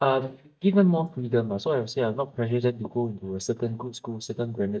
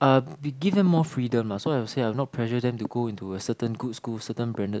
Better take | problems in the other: second | noise reduction (neural mask model DeepFilterNet 3)

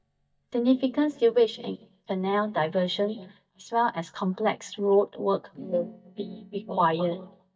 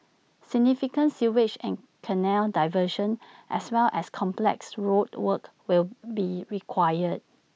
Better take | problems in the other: second | noise reduction (neural mask model DeepFilterNet 3)

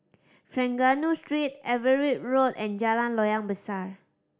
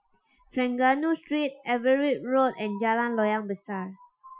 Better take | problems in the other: first | noise reduction (classical method Wiener filter)

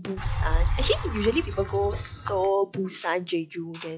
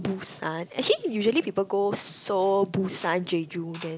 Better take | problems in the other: second | noise reduction (classical method log-MMSE)

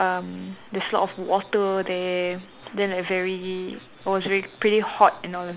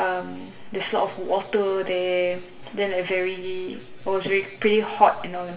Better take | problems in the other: first | room echo; dies away in 0.8 s

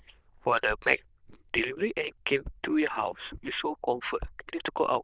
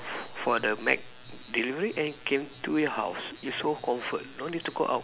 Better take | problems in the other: second | noise reduction (neural diffusion model UNIVERSE++)

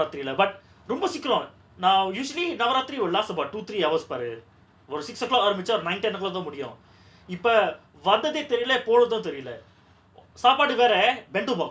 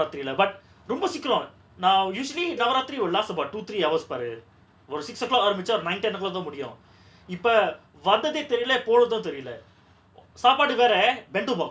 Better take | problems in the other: first | background sound (Cowbell); 18 dB below the speech

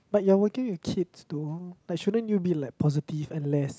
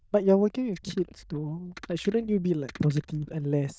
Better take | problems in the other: first | noise reduction (neural diffusion model UNIVERSE++)

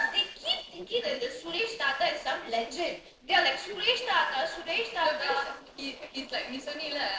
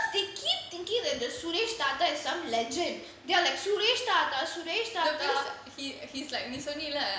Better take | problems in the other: second | noise reduction (neural separator model SepFormer DNS4)

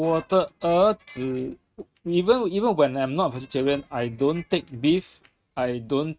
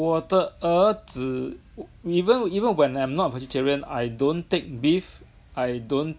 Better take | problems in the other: second | noise reduction (neural mask model RNNoise)

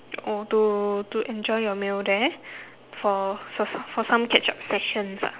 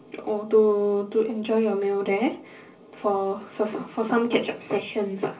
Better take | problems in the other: first | room echo; dies away in 0.5 s

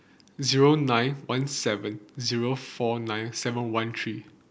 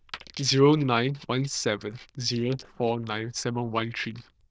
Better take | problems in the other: first | noise reduction (neural diffusion model UNIVERSE++)

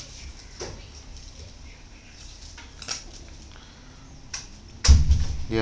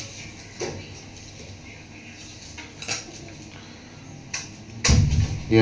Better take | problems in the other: first | room echo; dies away in 0.3 s

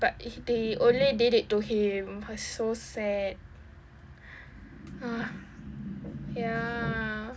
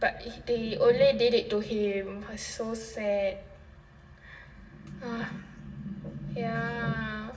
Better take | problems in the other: first | room echo; dies away in 0.6 s

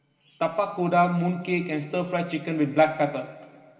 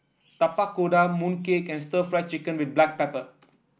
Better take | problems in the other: second | room echo; dies away in 1.9 s

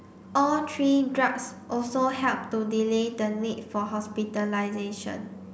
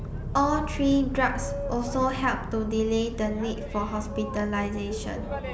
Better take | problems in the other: first | background sound (Boat, Water vehicle); 6 dB below the speech

